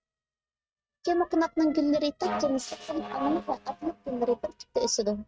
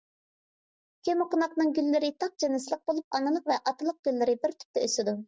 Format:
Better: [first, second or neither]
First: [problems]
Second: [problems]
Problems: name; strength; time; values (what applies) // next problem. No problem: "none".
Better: second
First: noise reduction (neural mask model RNNoise)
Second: none